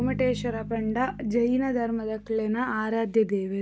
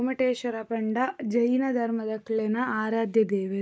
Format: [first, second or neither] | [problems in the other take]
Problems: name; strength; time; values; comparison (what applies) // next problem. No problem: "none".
second | background sound (Bass guitar); 12 dB below the speech